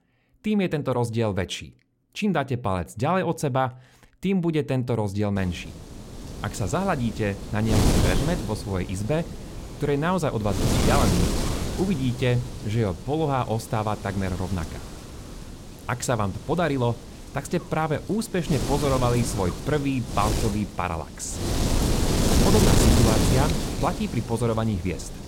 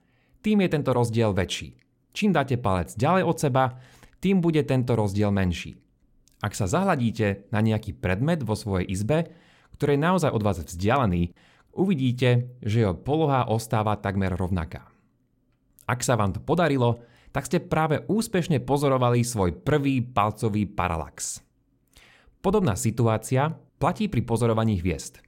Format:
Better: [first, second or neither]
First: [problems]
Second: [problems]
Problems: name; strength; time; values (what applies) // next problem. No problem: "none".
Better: second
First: wind noise on the microphone; heavy; from 5.5 s on; 2 dB below the speech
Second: none